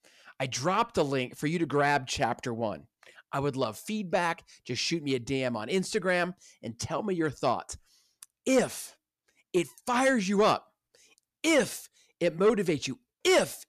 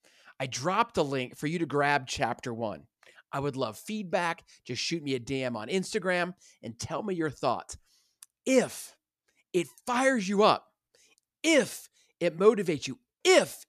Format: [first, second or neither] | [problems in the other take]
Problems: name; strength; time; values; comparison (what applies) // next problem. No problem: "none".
second | distortion; slight; 10 dB below the speech